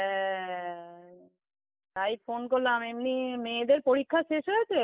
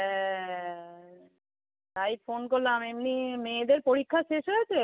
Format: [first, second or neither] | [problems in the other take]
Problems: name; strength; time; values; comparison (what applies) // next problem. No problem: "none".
second | noise reduction (neural mask model Resemble Enhance denoiser)